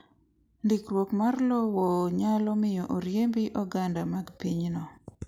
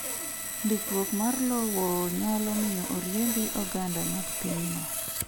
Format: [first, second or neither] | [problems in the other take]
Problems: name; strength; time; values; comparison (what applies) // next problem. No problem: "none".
first | background sound (Sawing); 3 dB below the speech